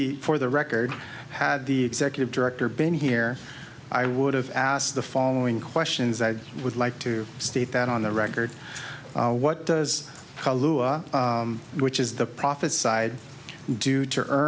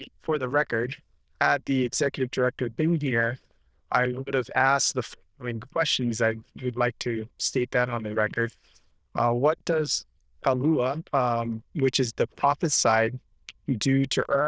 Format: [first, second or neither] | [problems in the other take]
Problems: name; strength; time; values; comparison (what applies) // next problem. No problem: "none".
first | noise reduction (neural diffusion model UNIVERSE++)